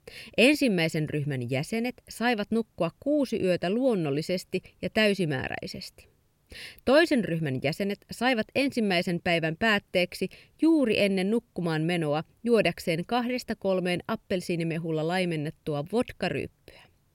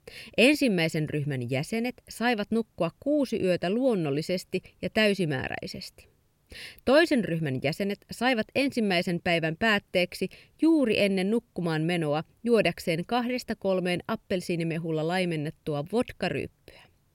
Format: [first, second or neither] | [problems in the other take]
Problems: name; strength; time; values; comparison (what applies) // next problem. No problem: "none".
neither | none